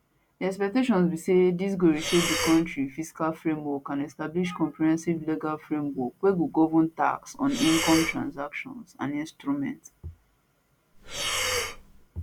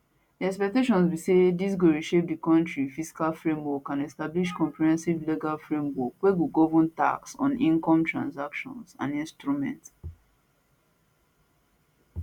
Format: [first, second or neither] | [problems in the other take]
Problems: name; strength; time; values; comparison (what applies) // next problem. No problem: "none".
second | background sound (Breathing); 4 dB below the speech